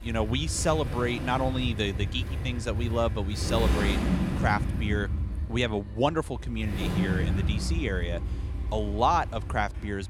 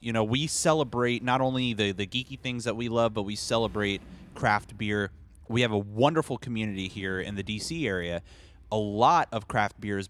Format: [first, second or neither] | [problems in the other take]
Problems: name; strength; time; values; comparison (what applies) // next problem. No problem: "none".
second | traffic noise; loud; throughout; 1 dB below the speech; faint in the second